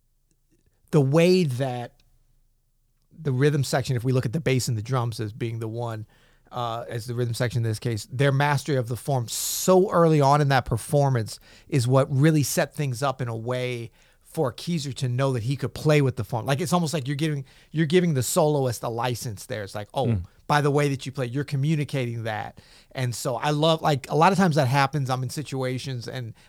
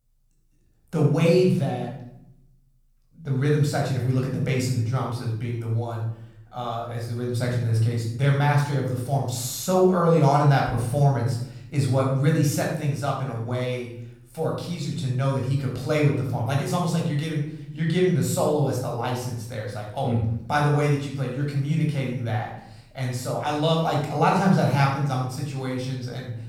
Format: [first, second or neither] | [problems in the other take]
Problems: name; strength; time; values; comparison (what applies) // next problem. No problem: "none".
first | off-mic speech; far // room echo; noticeable; dies away in 0.7 s